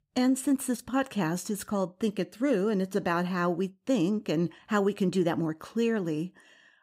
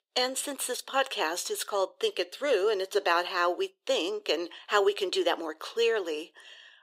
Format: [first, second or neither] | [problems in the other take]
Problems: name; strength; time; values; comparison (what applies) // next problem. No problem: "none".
first | thin; very; fading below 400 Hz